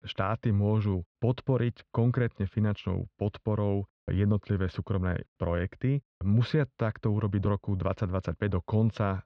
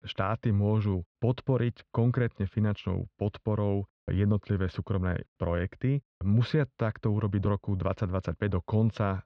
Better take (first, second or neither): neither